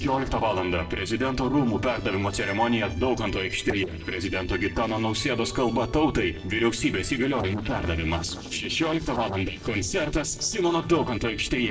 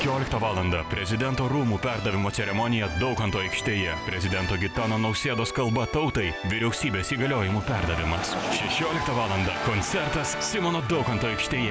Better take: second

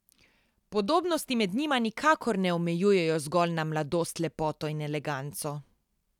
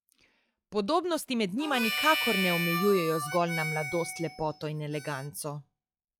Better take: first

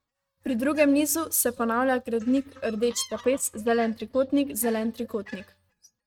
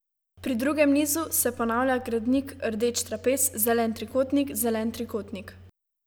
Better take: second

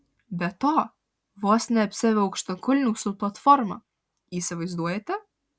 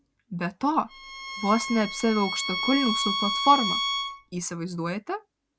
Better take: first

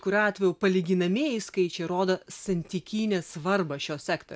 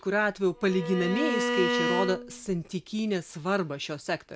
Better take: first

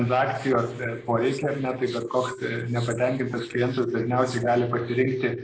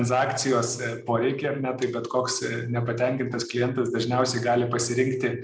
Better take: second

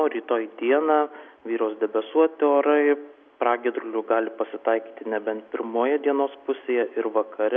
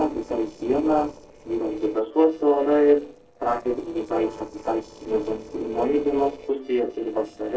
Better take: first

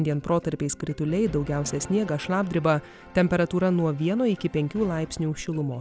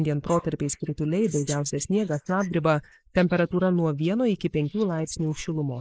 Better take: first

